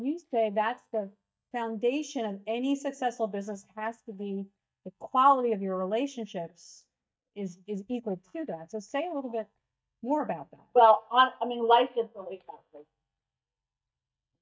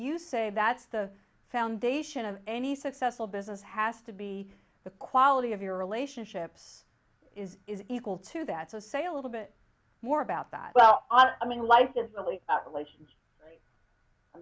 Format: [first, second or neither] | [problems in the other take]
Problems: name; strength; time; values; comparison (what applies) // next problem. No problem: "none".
second | noise reduction (neural mask model DeepFilterNet 3)